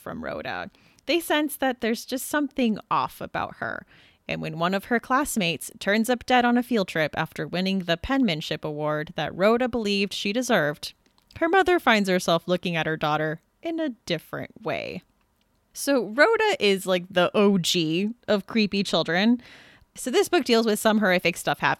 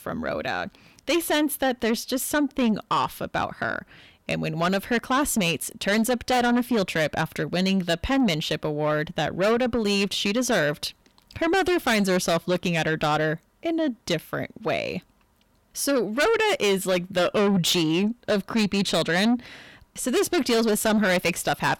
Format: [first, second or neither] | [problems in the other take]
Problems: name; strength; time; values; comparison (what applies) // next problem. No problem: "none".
first | distortion; heavy; 8 dB below the speech